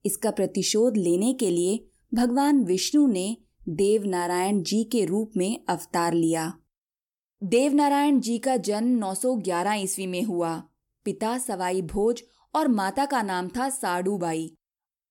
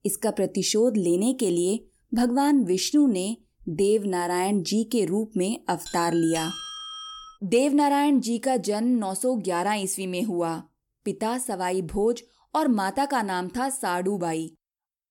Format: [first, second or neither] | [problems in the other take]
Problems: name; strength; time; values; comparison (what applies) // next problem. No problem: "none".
first | doorbell; noticeable; from 6 to 7.5 s; peak 8 dB below the speech